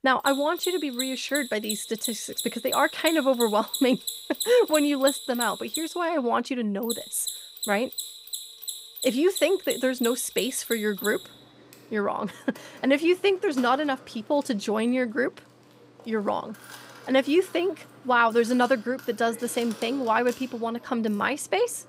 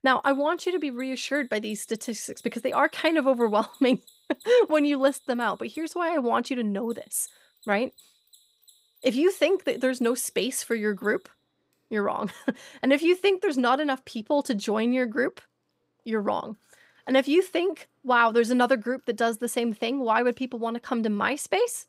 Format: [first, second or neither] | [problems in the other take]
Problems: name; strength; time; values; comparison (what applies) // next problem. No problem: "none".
second | machinery noise; loud; throughout; 8 dB below the speech; faint in the second